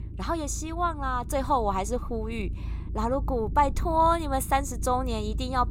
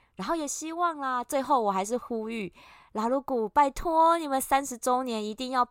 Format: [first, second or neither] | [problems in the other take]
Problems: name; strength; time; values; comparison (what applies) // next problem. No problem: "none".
second | low rumble; faint; throughout; 25 dB below the speech